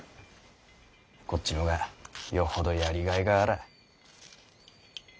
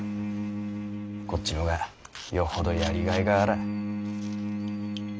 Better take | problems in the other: first | background sound (Bowed string instrument); 2 dB below the speech

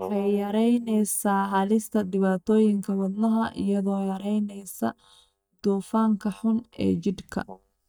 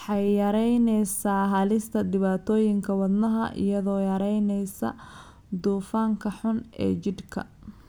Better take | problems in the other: second | noise reduction (neural mask model DeepFilterNet 3)

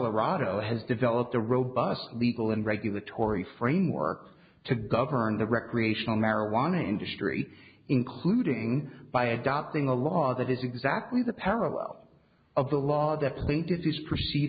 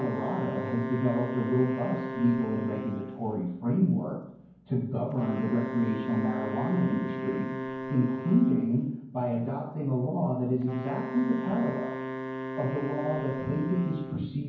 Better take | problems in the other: first | background sound (Wind instrument, woodwind instrument); 8 dB below the speech // room echo; dies away in 0.9 s

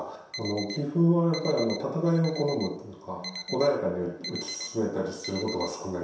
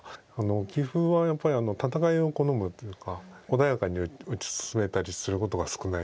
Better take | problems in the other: second | background sound (Alarm); 13 dB below the speech // room echo; dies away in 0.7 s

